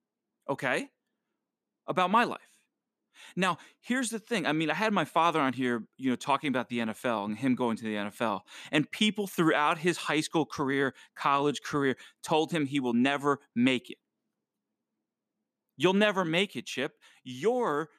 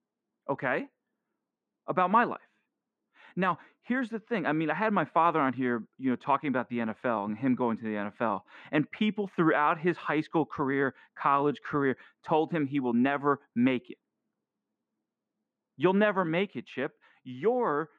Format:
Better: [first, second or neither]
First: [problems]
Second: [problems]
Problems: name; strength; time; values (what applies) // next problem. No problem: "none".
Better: first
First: none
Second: muffled; very; fading above 1.5 kHz